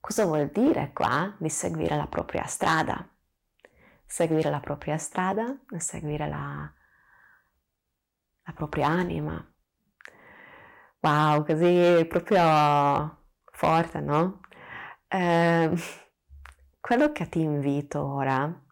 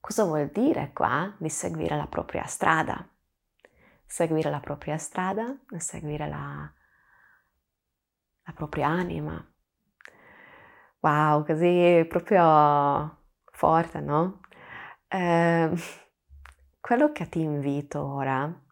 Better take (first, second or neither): second